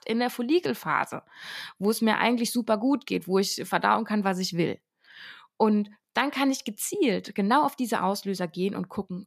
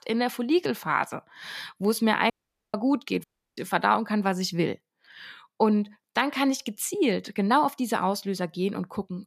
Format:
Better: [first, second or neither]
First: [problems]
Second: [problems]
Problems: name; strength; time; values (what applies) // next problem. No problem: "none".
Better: first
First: none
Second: audio cutting out; at 2.5 s and at 3 s